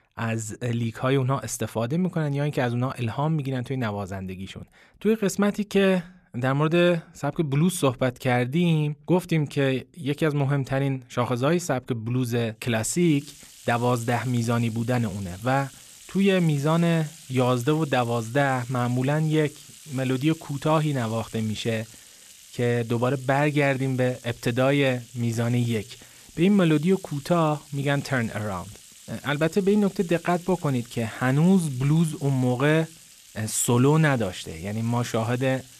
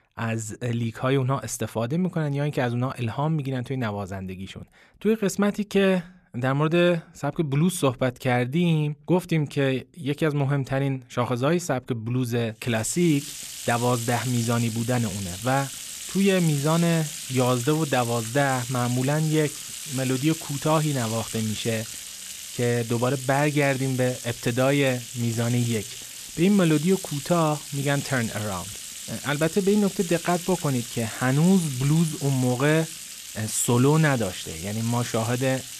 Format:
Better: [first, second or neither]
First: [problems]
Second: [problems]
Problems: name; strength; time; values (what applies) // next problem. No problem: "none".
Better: first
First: household noises; faint; from 13 s on; 20 dB below the speech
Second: household noises; loud; from 13 s on; 9 dB below the speech